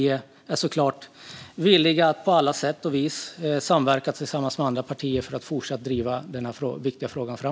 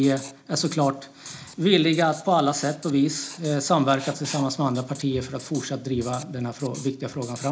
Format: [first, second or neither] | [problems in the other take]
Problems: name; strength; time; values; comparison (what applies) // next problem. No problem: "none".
first | background sound (Writing); 19 dB below the speech // room echo; dies away in 0.4 s